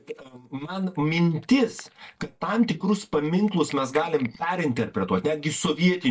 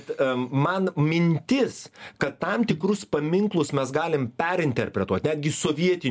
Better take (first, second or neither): second